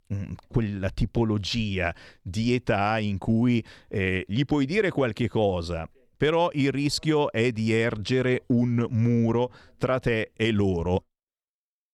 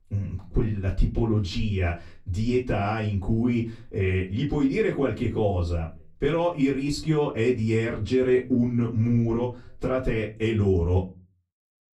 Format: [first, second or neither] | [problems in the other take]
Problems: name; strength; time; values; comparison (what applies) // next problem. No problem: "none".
first | off-mic speech; far // room echo; very slight; dies away in 0.3 s